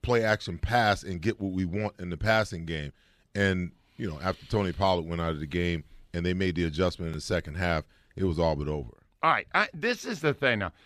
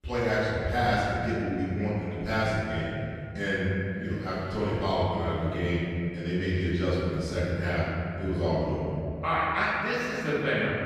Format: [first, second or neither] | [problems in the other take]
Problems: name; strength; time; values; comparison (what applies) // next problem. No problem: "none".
first | room echo; strong; dies away in 2.5 s // off-mic speech; far